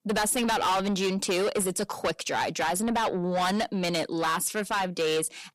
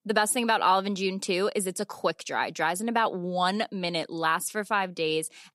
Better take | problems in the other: second | distortion; heavy; 6 dB below the speech

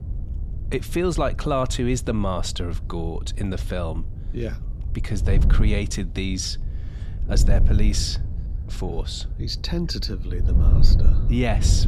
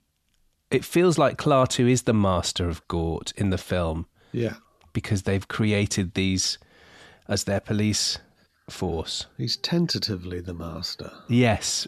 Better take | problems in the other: second | wind noise on the microphone; occasional gusts; 15 dB below the speech

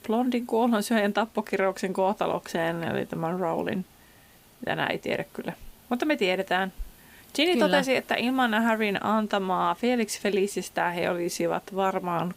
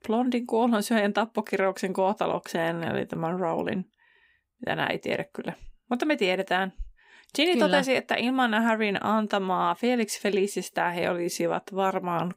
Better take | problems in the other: second | hiss; faint; throughout; 25 dB below the speech

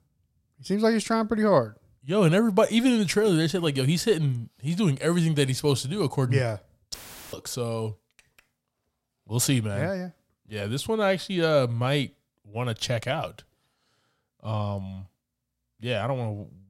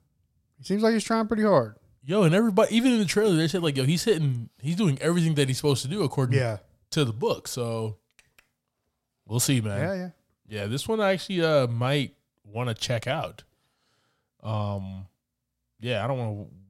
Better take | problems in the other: second | audio cutting out; filled with static; at 7 s

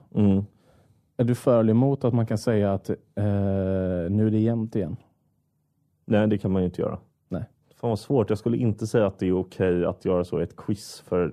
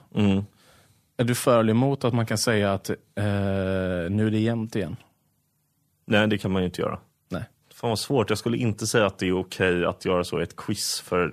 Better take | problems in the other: second | muffled; slightly; fading above 1 kHz

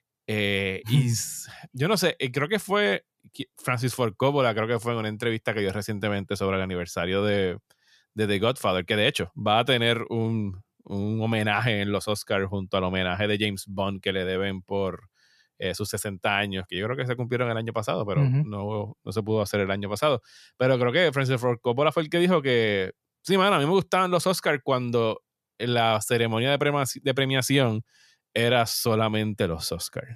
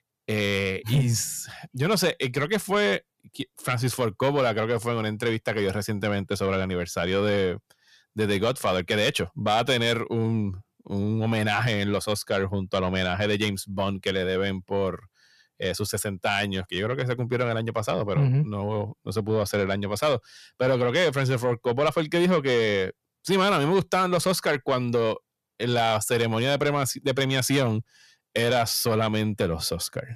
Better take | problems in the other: first | distortion; slight; 10 dB below the speech

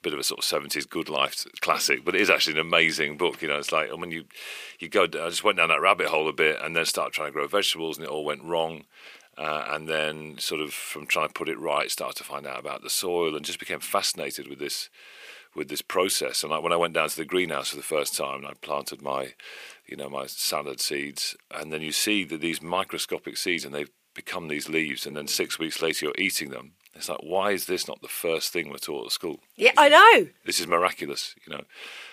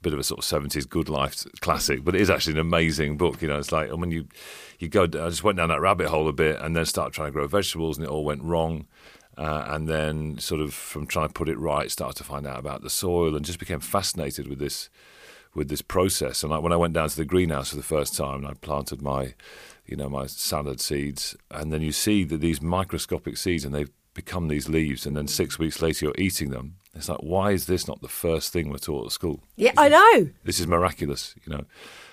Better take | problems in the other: second | thin; somewhat; fading below 350 Hz

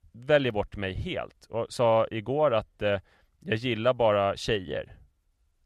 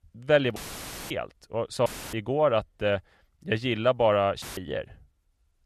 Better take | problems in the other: first | audio cutting out; filled with static; at 0.5 s for 0.5 s, at 2 s and at 4.5 s

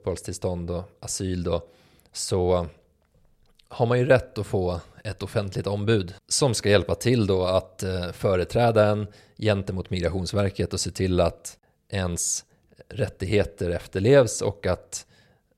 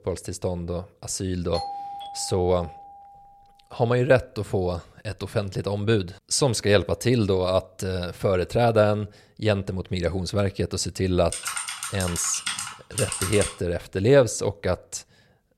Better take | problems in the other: first | doorbell; noticeable; from 1.5 to 3 s; peak 8 dB below the speech // keyboard typing; noticeable; from 11 to 14 s; peak 2 dB below the speech

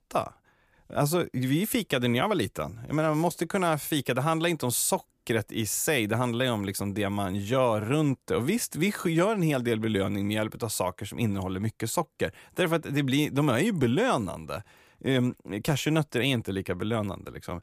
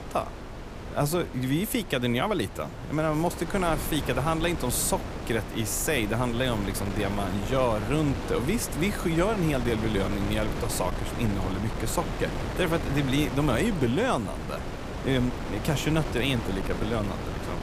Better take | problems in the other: first | wind noise on the microphone; heavy; 7 dB below the speech

